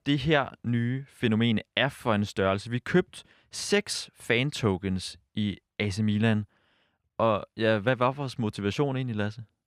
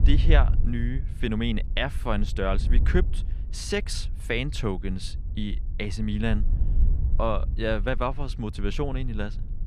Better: first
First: none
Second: wind noise on the microphone; occasional gusts; 15 dB below the speech

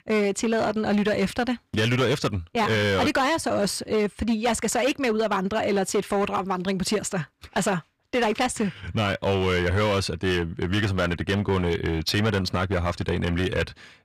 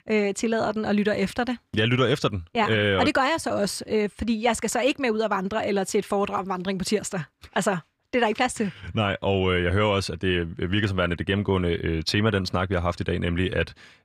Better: second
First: distortion; slight; 11% of the sound clipped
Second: none

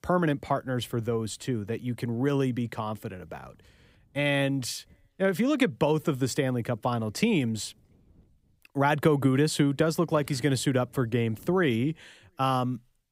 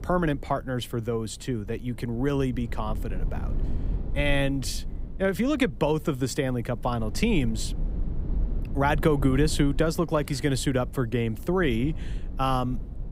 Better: first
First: none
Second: low rumble; noticeable; throughout; 20 dB below the speech

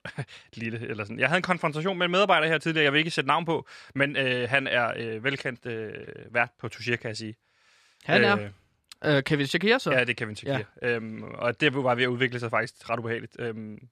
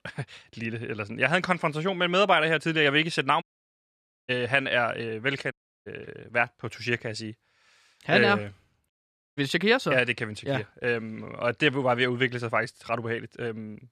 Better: first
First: none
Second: audio cutting out; at 3.5 s for 1 s, at 5.5 s and at 9 s

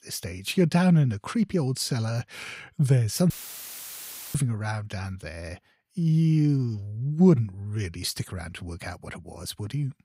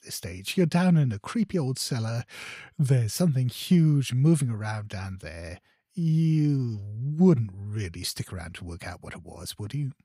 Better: second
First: audio cutting out; filled with static; at 3.5 s for 1 s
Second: none

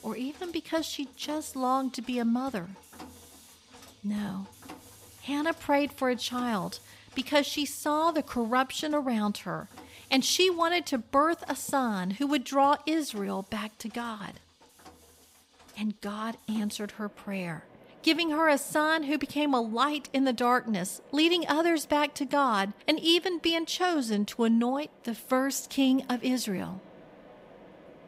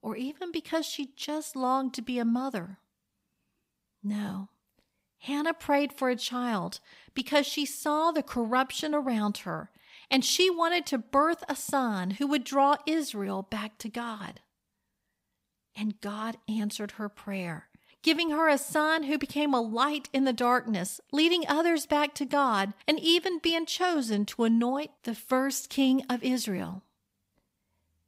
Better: second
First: machinery noise; faint; throughout; 25 dB below the speech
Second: none

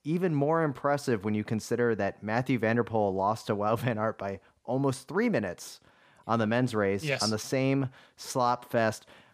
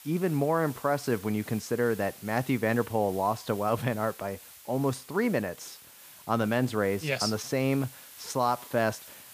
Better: first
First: none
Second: hiss; noticeable; throughout; 15 dB below the speech

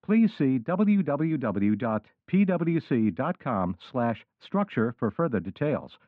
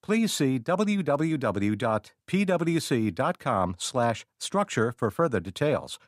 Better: second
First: muffled; very; fading above 3 kHz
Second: none

